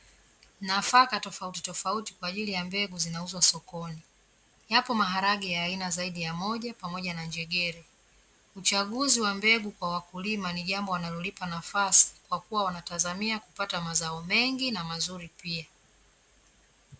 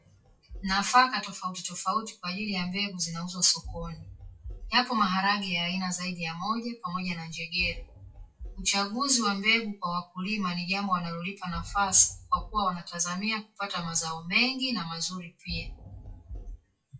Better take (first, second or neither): first